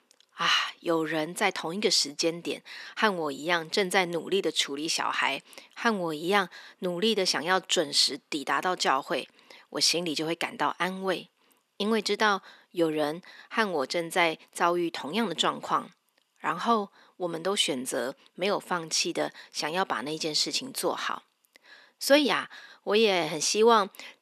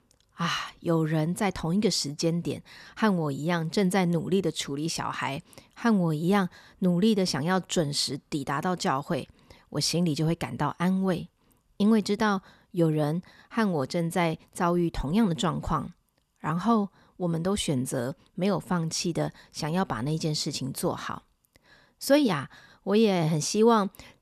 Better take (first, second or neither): second